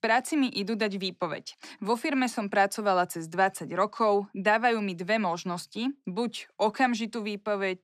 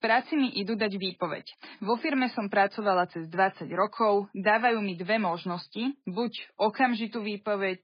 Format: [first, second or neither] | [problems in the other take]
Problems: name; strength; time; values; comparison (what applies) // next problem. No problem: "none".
first | garbled, watery; badly; nothing above 4.5 kHz